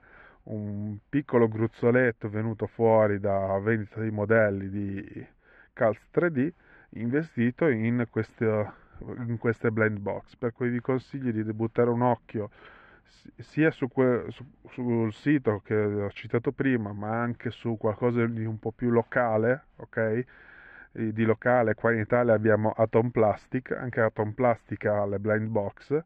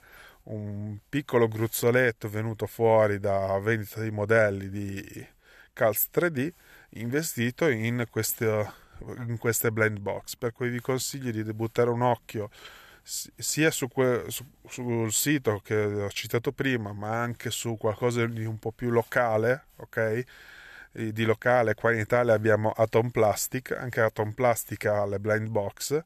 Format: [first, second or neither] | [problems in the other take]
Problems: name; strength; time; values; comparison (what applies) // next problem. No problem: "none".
second | muffled; very; fading above 2 kHz